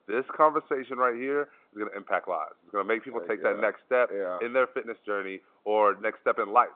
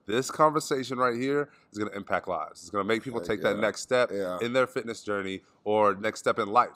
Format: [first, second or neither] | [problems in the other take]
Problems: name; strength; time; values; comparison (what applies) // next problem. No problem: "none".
second | phone-call audio; nothing above 3.5 kHz